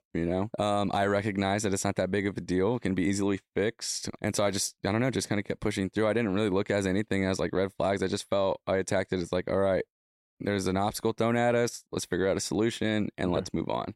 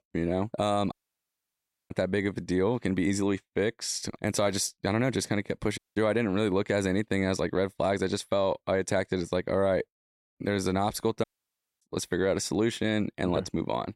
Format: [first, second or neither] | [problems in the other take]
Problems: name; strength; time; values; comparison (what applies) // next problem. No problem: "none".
first | audio cutting out; at 1 s for 1 s, at 6 s and at 11 s for 0.5 s